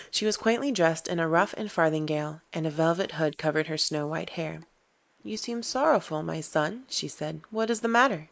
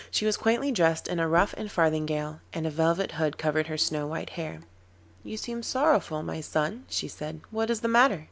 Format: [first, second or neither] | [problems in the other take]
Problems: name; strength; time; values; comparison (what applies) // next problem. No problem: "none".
second | noise reduction (neural mask model Resemble Enhance denoiser)